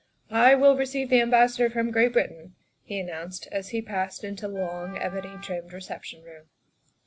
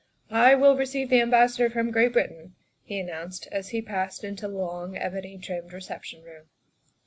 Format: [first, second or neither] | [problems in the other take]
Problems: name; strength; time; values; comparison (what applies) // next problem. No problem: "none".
second | background sound (Wind instrument, woodwind instrument); 20 dB below the speech